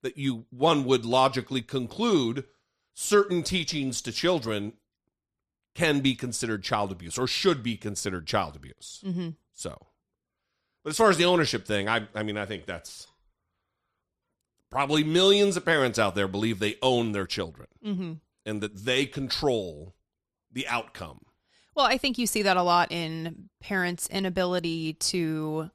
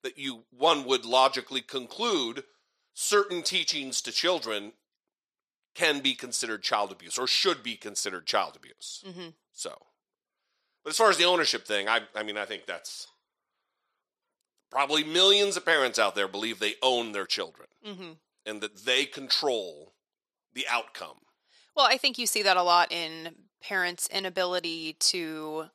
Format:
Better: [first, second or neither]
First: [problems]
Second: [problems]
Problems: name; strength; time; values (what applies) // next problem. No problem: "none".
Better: first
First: none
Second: thin; somewhat; fading below 450 Hz